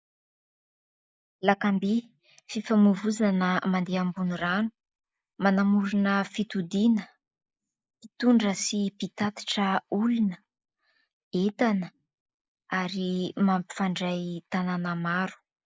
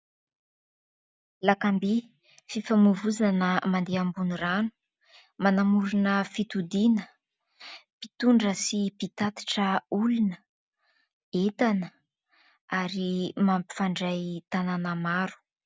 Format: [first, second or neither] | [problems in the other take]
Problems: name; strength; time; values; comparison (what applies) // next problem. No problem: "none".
second | noise reduction (neural mask model Resemble Enhance denoiser)